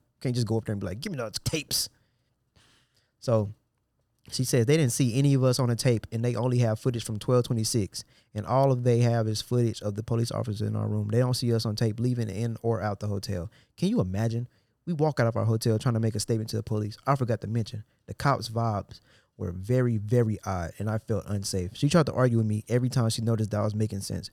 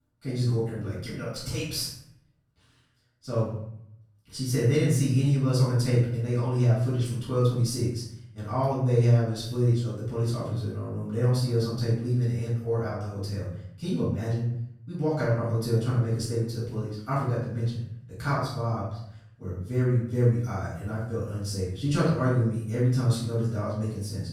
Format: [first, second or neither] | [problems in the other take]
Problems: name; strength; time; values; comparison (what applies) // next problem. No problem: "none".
first | off-mic speech; far // room echo; noticeable; dies away in 0.6 s